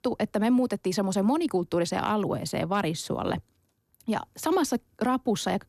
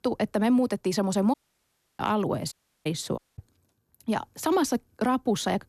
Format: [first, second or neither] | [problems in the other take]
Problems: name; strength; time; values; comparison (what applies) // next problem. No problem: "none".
first | audio cutting out; at 1.5 s for 0.5 s, at 2.5 s and at 3 s